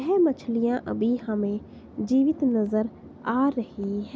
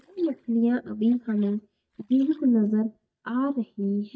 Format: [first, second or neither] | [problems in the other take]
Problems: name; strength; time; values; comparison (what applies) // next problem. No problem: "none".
first | noise reduction (neural mask model DeepFilterNet 3)